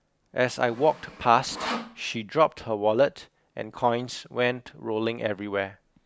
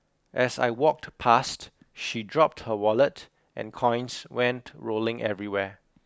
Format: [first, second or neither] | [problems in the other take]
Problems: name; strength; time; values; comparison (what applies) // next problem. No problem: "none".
second | background sound (Sawing); 11 dB below the speech